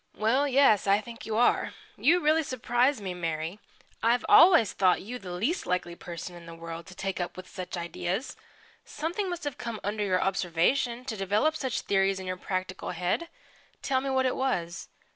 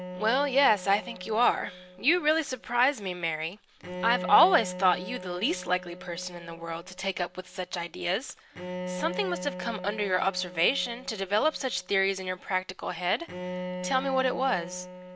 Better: first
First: none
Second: background sound (Bowed string instrument); 11 dB below the speech

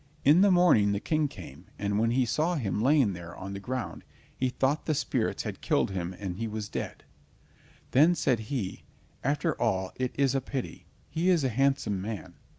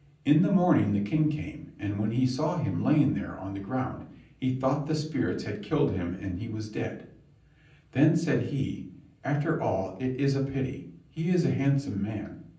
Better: first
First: none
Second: room echo; dies away in 0.6 s

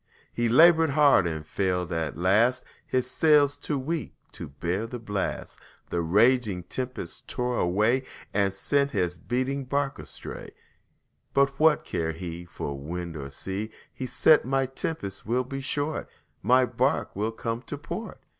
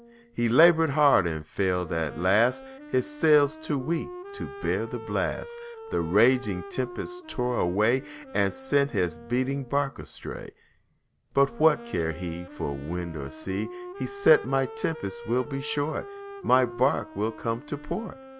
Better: first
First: none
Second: background sound (Wind instrument, woodwind instrument); 15 dB below the speech

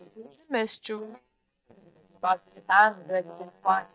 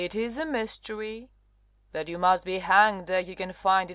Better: second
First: noise reduction (neural mask model DeepFilterNet 3)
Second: none

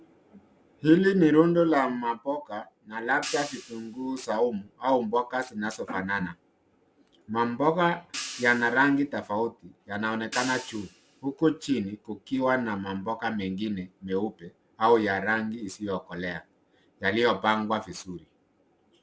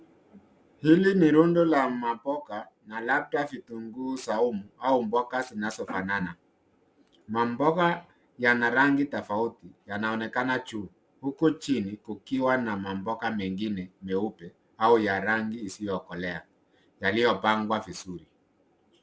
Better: second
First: background sound (Hi-hat); 15 dB below the speech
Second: none

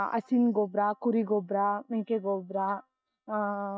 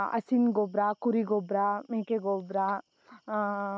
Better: second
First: noise reduction (neural mask model DeepFilterNet 3)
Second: none

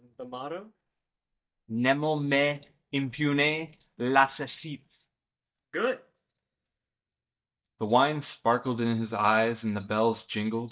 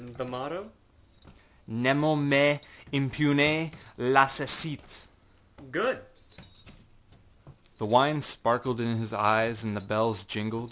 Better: second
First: noise reduction (neural mask model DeepFilterNet 3)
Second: none

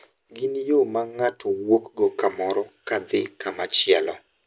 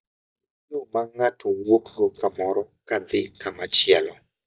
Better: first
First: none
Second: noise reduction (neural mask model DeepFilterNet 3)

